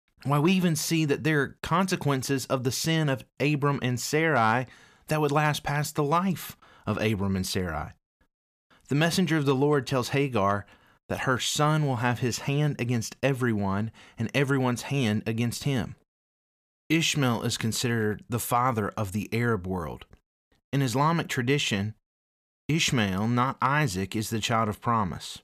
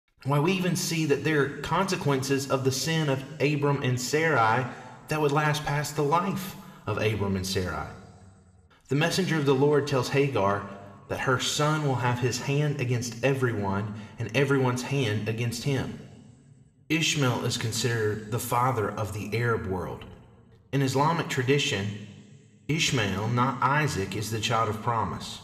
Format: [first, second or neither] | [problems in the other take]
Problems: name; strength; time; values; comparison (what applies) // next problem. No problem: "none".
first | room echo; very slight; dies away in 1.2 s